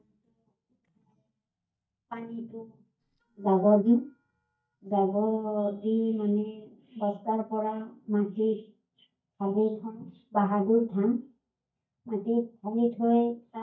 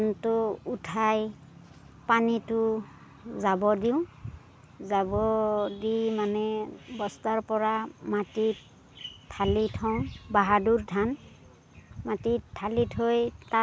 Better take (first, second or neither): second